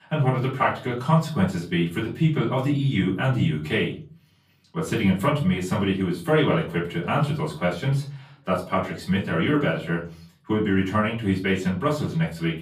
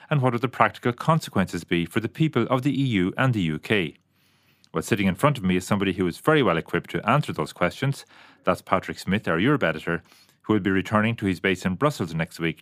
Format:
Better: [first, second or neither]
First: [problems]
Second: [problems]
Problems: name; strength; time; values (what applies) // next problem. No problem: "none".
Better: second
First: off-mic speech; far // room echo; slight; dies away in 0.4 s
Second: none